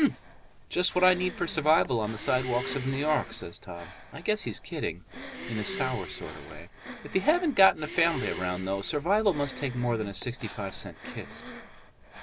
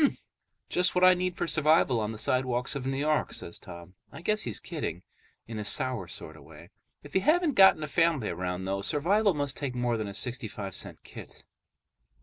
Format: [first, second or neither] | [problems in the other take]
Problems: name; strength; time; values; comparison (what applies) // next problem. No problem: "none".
second | background sound (Breathing + Breathing); 12 dB below the speech